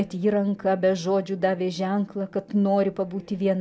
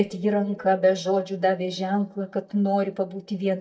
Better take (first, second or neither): first